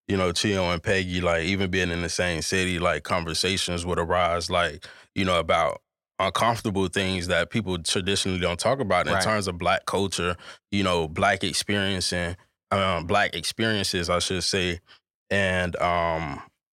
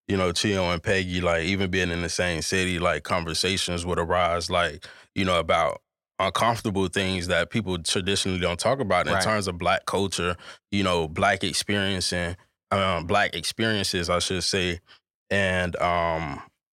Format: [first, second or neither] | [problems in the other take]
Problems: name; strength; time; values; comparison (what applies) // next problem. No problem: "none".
neither | none